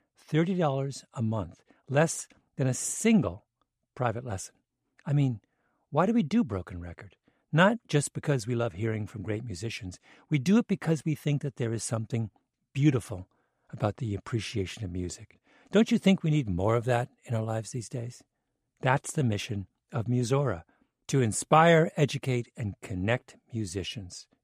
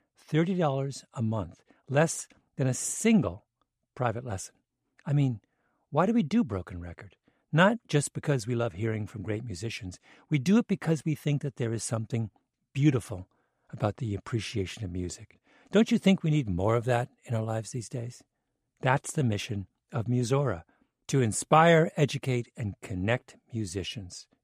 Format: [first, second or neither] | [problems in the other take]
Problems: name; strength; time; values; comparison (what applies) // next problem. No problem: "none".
neither | none